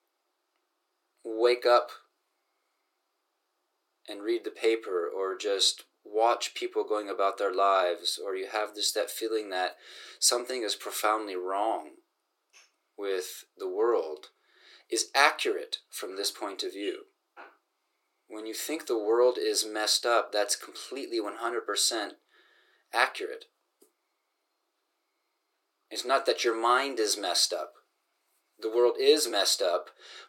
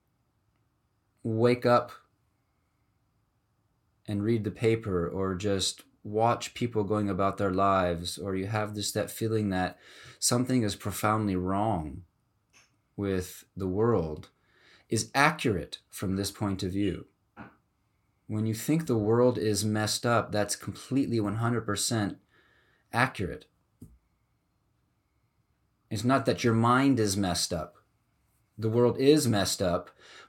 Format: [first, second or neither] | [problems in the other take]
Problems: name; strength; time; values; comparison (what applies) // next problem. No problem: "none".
second | thin; very; fading below 350 Hz